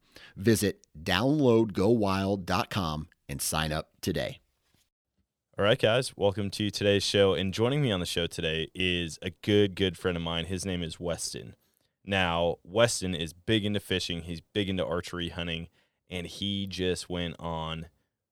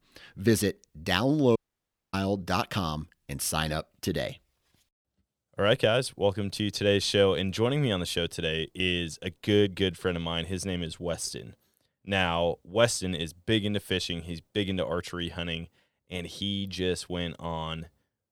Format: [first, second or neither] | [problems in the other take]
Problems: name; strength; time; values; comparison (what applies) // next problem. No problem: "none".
first | audio cutting out; at 1.5 s for 0.5 s